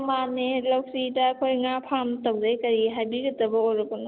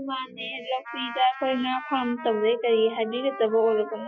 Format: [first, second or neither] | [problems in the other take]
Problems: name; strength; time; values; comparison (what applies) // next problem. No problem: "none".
first | noise reduction (classical method Wiener filter)